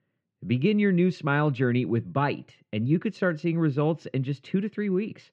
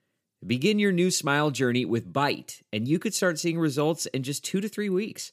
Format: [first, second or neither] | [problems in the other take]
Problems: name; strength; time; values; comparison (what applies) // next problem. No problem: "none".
second | muffled; very; fading above 2.5 kHz